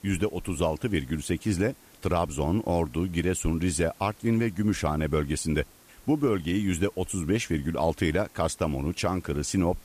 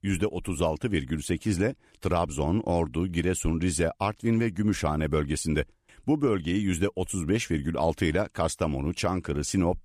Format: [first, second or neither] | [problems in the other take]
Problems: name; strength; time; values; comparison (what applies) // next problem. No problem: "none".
second | hiss; faint; throughout; 25 dB below the speech